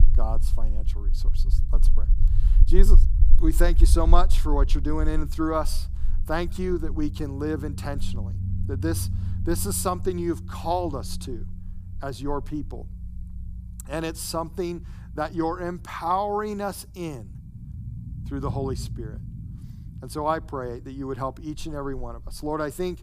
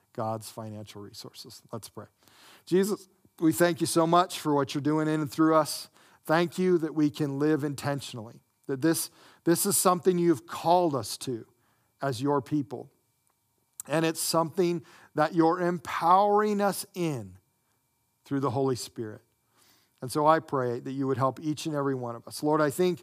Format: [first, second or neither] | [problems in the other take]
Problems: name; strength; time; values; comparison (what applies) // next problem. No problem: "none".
second | low rumble; noticeable; throughout; 20 dB below the speech